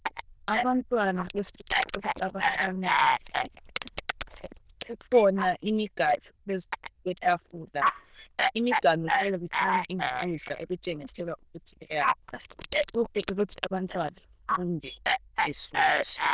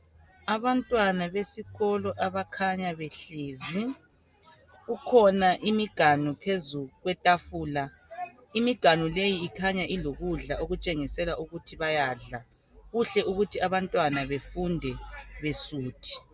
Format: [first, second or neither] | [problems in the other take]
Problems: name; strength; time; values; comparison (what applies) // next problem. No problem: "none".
second | noise reduction (neural diffusion model UNIVERSE++)